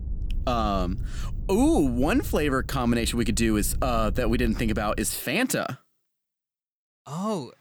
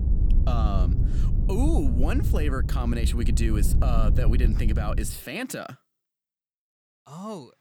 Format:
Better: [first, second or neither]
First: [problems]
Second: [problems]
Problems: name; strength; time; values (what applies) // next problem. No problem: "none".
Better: first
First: low rumble; faint; until 5 s; 25 dB below the speech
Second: low rumble; loud; until 5 s; 7 dB below the speech